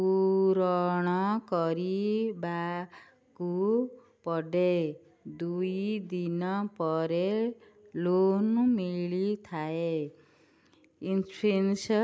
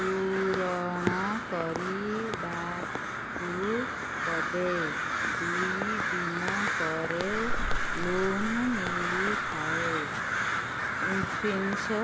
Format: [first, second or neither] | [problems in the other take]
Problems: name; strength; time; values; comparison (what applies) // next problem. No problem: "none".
first | background sound (Bathtub (filling or washing) / Water / Splash, splatter + Crow); 2 dB above the speech